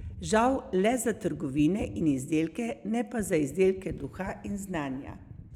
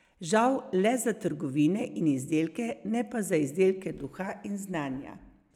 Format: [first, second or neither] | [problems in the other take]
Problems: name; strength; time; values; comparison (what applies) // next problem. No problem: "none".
second | background sound (Gunshot, gunfire); 17 dB below the speech